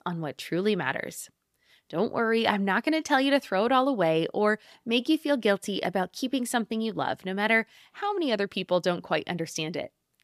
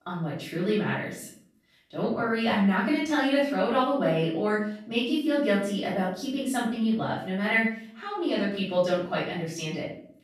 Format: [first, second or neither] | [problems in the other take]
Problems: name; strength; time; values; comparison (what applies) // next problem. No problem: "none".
first | off-mic speech; far // room echo; noticeable; dies away in 0.5 s